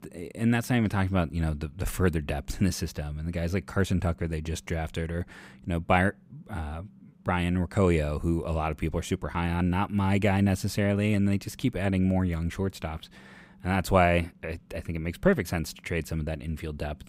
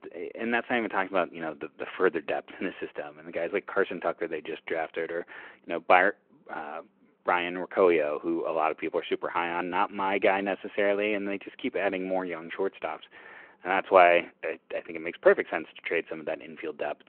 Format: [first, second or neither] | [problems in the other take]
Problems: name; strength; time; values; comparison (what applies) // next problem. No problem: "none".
first | phone-call audio